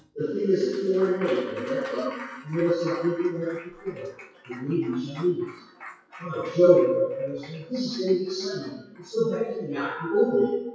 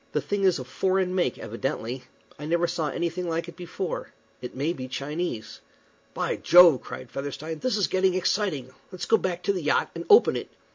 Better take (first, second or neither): second